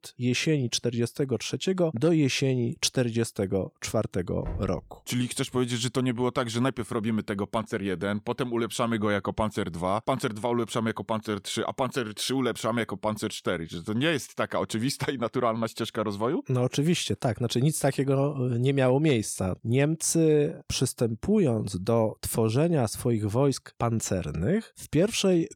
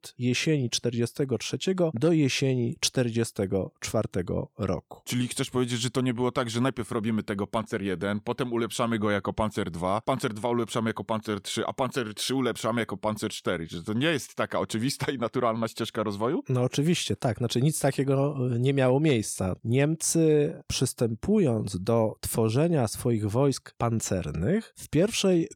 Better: second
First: door banging; faint; at 4.5 s; peak 10 dB below the speech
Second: none

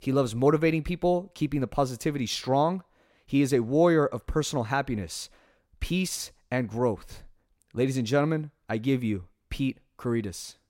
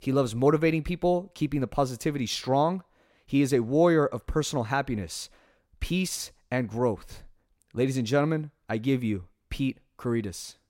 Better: neither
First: none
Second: none

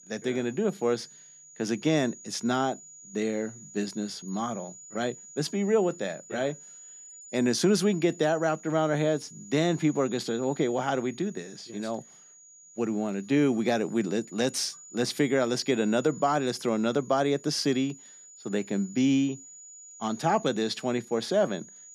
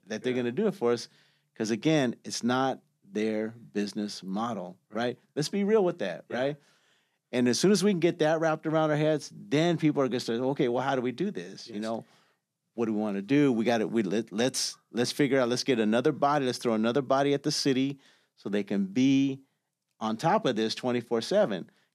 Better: second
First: high-pitched whine; noticeable; throughout; 7 kHz, 20 dB below the speech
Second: none

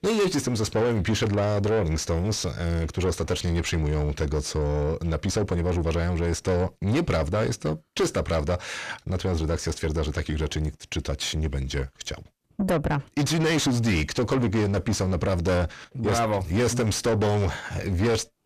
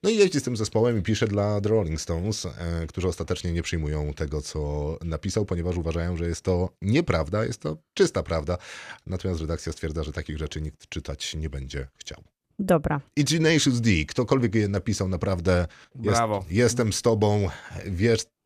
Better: second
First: distortion; heavy; 6 dB below the speech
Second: none

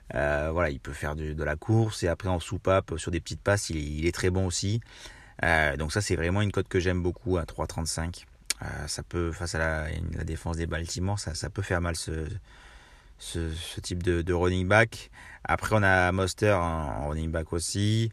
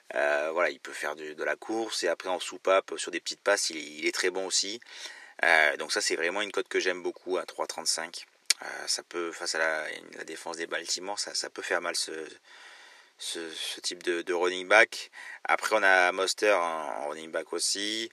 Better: first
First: none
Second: thin; very; fading below 350 Hz

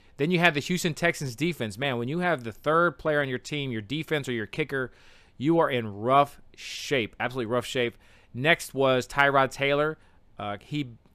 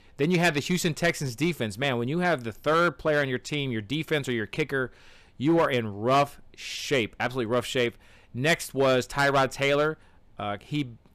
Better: first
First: none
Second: distortion; slight; 4% of the sound clipped

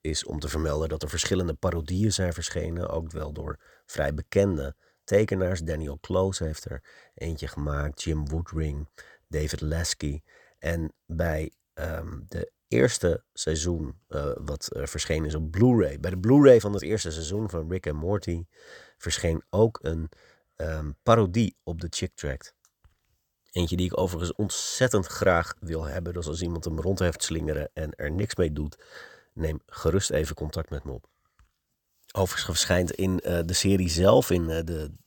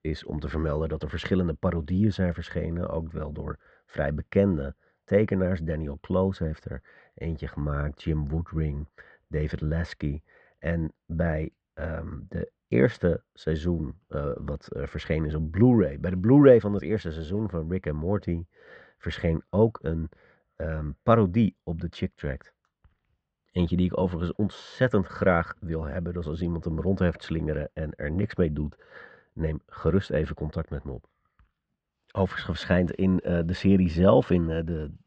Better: first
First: none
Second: muffled; very slightly; fading above 2.5 kHz

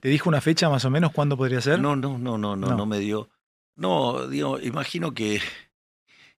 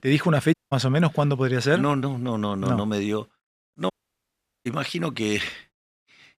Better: first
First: none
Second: audio cutting out; at 0.5 s and at 4 s for 1 s

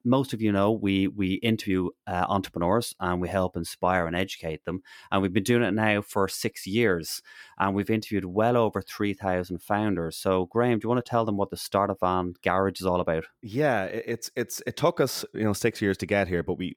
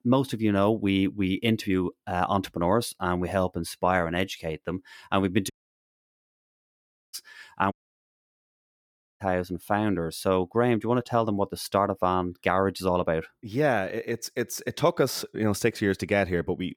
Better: first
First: none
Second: audio cutting out; at 5.5 s for 1.5 s and at 7.5 s for 1.5 s

